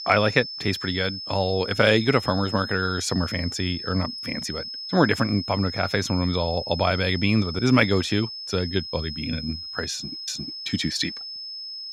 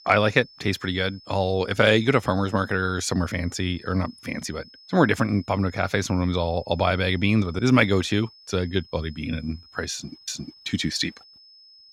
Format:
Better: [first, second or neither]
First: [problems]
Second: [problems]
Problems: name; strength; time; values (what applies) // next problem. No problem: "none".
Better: second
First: high-pitched whine; loud; throughout; 5 kHz, 8 dB below the speech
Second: high-pitched whine; faint; throughout; 5 kHz, 25 dB below the speech